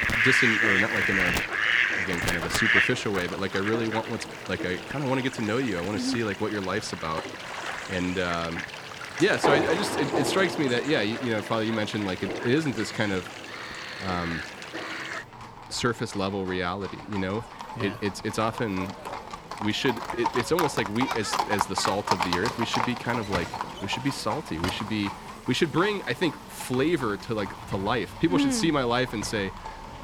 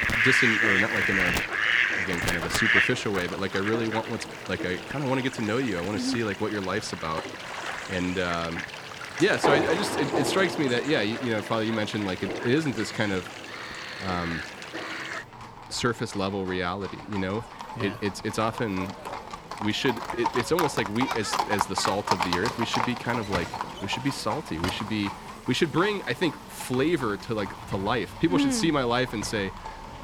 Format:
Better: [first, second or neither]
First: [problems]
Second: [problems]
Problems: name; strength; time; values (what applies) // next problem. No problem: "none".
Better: neither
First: animal sounds; loud; throughout; 1 dB below the speech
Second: animal sounds; loud; throughout; 1 dB below the speech